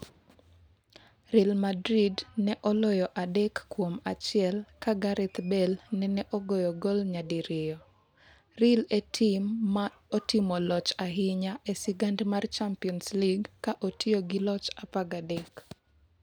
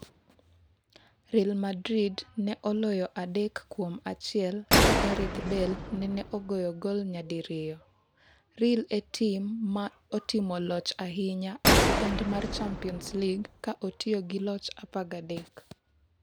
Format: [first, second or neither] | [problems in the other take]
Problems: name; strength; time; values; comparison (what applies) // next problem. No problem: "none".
first | background sound (Gunshot, gunfire); 3 dB above the speech